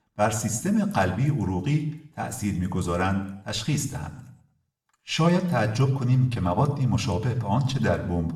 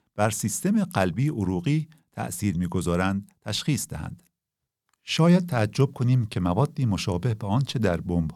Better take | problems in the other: second | room echo; slight; dies away in 0.7 s // off-mic speech; somewhat distant

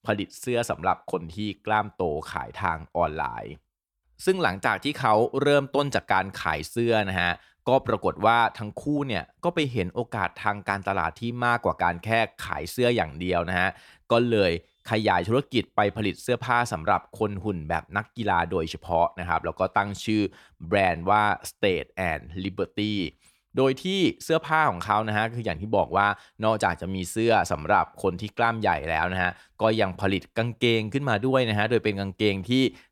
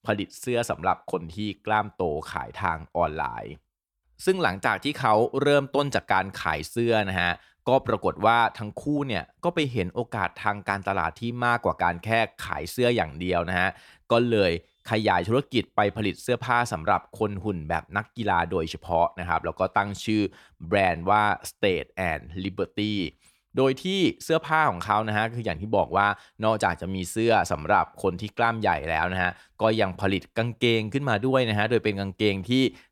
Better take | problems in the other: neither | none

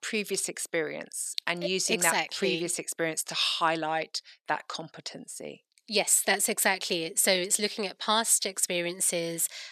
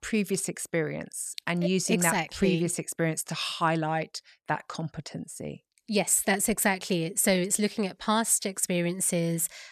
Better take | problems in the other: second | thin; somewhat; fading below 350 Hz

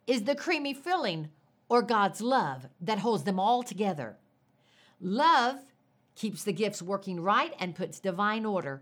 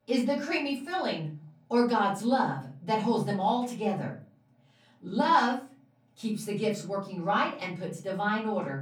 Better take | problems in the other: first | off-mic speech; far // room echo; slight; dies away in 0.4 s

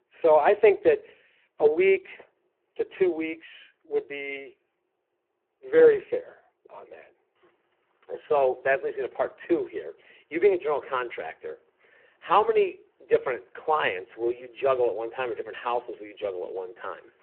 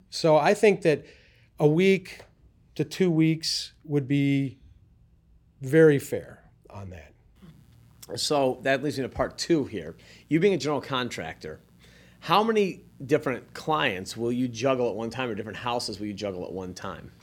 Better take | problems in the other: second | phone-call audio; poor line

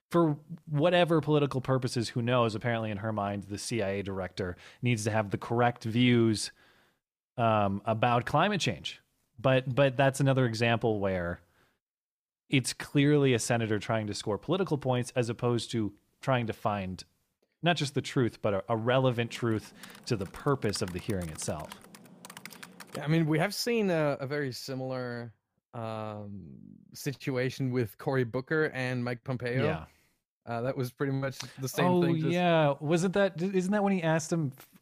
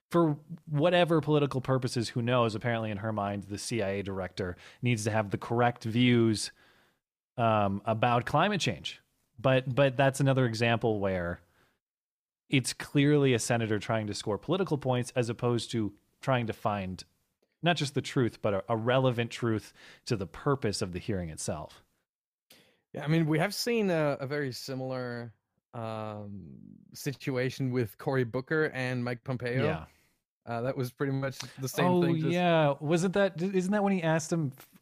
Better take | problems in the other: second | keyboard typing; faint; from 19 to 23 s; peak 15 dB below the speech

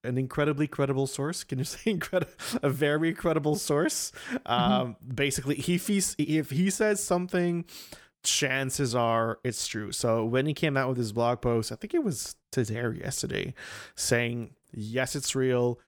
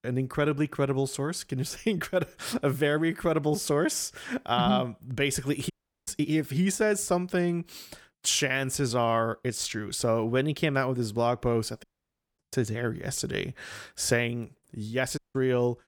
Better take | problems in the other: first | audio cutting out; at 5.5 s, at 12 s for 0.5 s and at 15 s

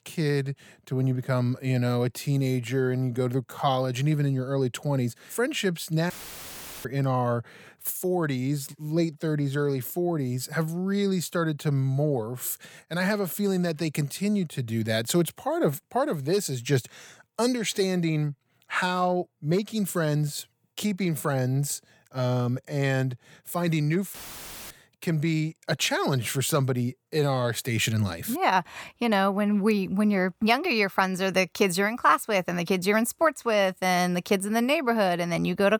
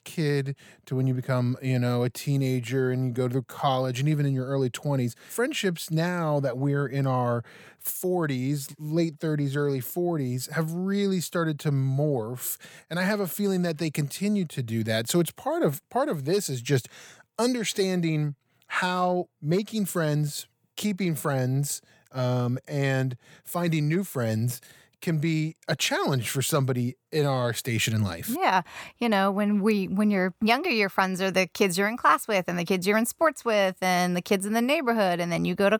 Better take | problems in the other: second | audio cutting out; filled with static; at 6 s for 1 s and at 24 s for 0.5 s

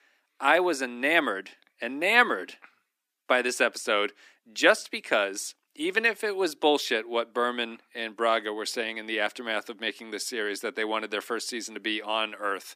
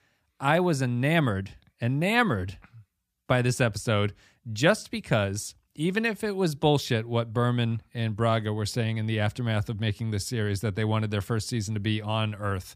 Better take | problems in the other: second | thin; very; fading below 300 Hz

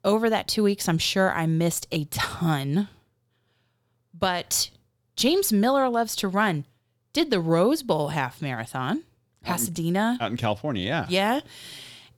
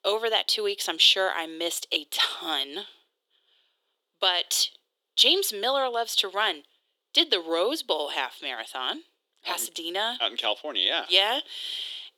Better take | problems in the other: first | thin; very; fading below 350 Hz

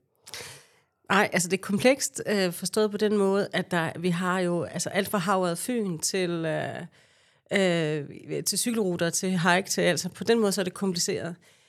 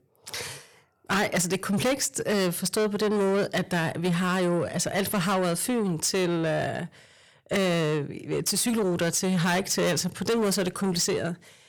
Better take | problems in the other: first | distortion; heavy; 7 dB below the speech

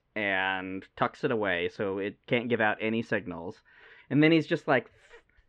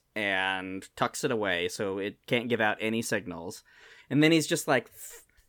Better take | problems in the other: second | muffled; very; fading above 3 kHz

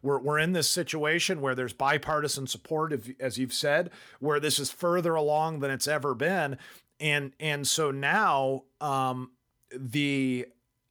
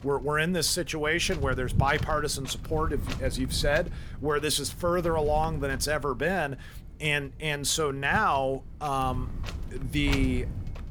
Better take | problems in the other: first | wind noise on the microphone; occasional gusts; 15 dB below the speech

